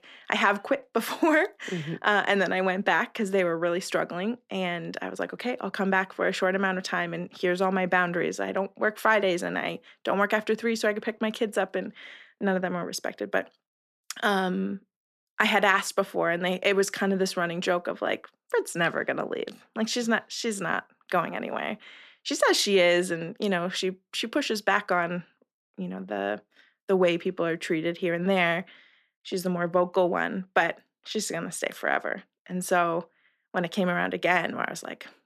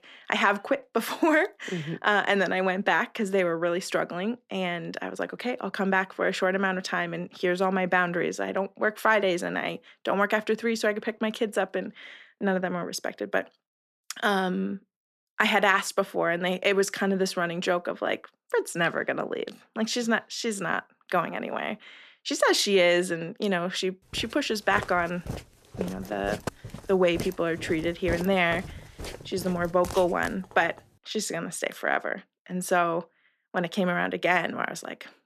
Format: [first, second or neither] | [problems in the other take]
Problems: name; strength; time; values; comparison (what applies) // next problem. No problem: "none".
first | footsteps; noticeable; from 24 to 31 s; peak 8 dB below the speech